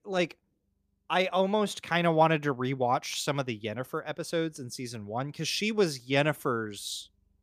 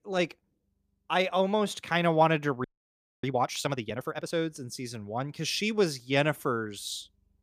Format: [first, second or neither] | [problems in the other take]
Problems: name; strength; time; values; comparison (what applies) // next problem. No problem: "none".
first | audio freezing; at 2.5 s for 0.5 s